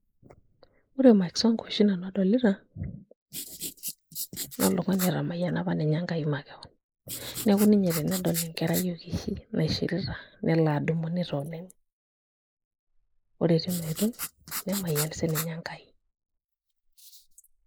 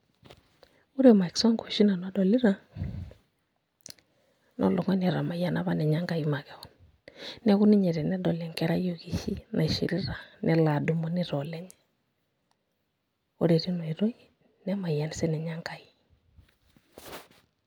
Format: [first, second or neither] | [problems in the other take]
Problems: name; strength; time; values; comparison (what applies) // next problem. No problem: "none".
second | noise reduction (neural mask model Resemble Enhance denoiser)